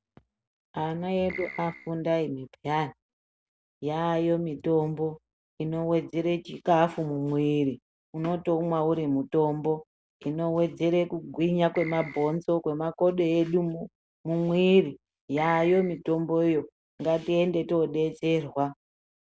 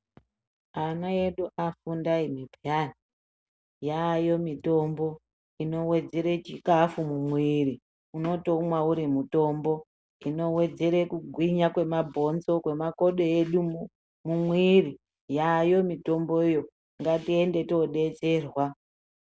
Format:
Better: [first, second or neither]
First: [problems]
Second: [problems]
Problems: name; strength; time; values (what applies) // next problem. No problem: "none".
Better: second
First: background sound (Keyboard (musical)); 13 dB below the speech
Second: none